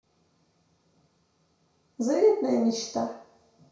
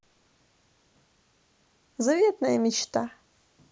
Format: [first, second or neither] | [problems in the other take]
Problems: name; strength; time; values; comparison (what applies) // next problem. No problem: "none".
second | room echo; dies away in 0.6 s